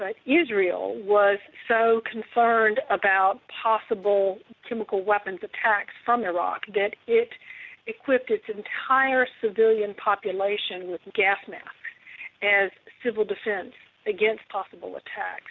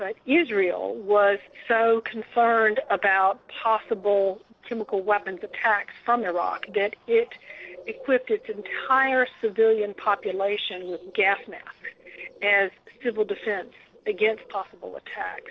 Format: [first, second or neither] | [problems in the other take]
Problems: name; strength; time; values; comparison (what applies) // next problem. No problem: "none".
first | noise reduction (neural separator model SepFormer DNS4)